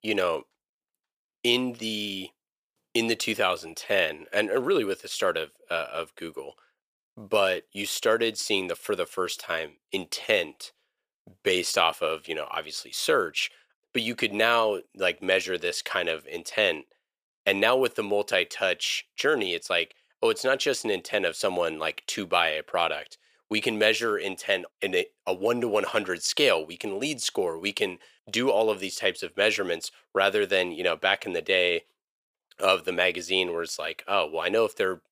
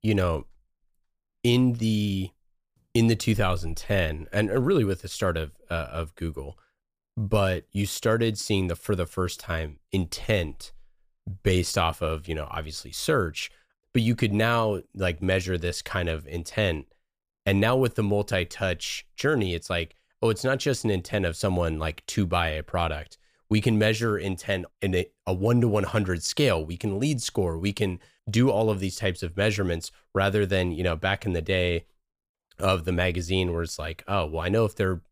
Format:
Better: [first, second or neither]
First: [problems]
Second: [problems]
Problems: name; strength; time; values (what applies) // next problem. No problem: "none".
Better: second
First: thin; somewhat; fading below 450 Hz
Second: none